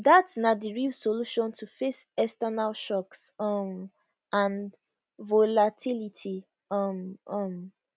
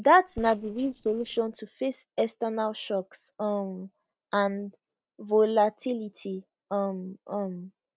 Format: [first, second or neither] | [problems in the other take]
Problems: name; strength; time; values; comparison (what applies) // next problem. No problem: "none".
first | noise reduction (neural separator model SepFormer DNS4)